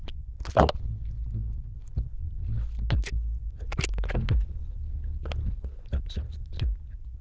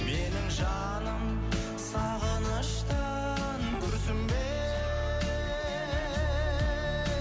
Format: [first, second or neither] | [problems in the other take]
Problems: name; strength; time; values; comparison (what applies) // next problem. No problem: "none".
second | noise reduction (neural diffusion model UNIVERSE++)